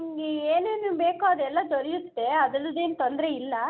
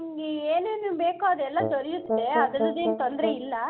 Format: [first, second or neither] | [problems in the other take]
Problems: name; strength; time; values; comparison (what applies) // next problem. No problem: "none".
first | background sound (Brass instrument); 2 dB below the speech